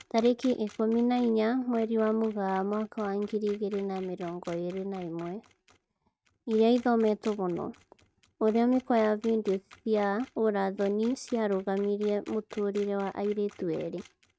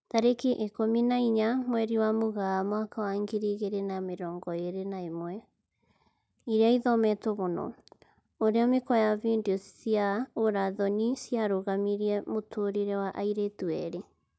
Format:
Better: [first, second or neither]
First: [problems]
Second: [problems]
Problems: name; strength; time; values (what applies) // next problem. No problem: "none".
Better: second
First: noise reduction (neural mask model RNNoise)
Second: none